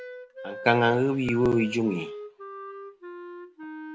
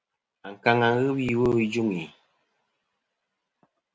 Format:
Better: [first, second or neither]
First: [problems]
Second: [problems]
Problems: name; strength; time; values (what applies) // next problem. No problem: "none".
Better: second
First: background sound (Wind instrument, woodwind instrument); 13 dB below the speech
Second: none